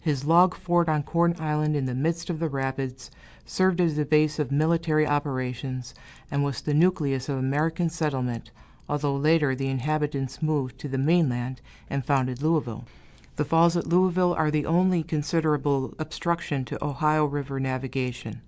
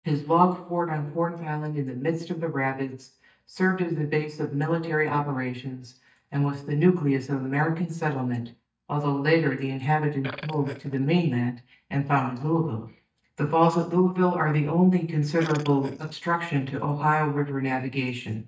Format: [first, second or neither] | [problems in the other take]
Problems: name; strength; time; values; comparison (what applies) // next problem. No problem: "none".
first | noise reduction (neural mask model DeepFilterNet 3)